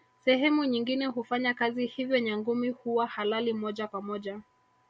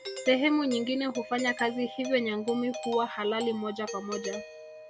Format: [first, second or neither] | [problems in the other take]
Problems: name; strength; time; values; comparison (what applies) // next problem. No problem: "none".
first | background sound (Doorbell); 11 dB below the speech